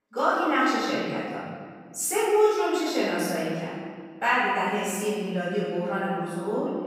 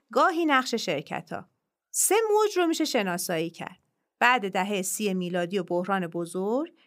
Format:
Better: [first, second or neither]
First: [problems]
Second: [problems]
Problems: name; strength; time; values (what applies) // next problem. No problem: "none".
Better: second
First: off-mic speech; far // room echo; strong; dies away in 1.8 s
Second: none